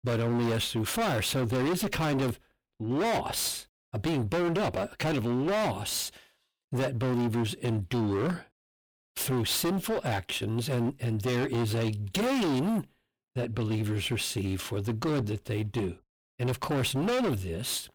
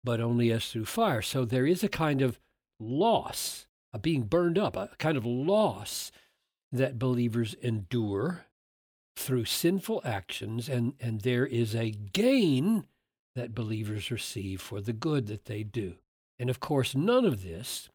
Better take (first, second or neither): second